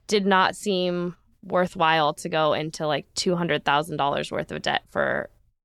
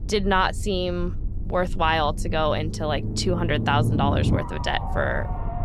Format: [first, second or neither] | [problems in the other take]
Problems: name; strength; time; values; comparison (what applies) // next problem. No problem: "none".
first | low rumble; noticeable; throughout; 10 dB below the speech